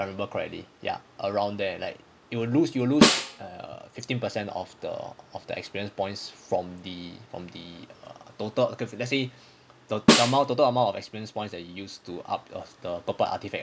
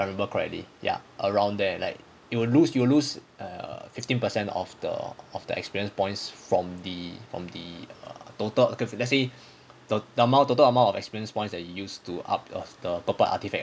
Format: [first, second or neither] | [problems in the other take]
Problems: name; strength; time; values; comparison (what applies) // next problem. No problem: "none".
second | background sound (Snare drum); 5 dB above the speech